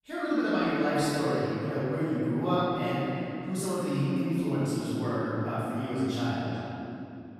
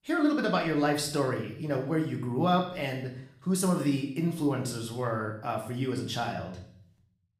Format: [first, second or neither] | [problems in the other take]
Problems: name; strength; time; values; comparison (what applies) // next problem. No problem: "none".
second | room echo; strong; dies away in 3 s; slight in the second // off-mic speech; far; somewhat distant in the second